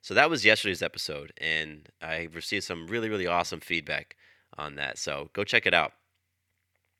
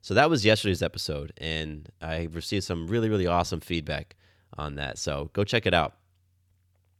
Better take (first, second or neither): second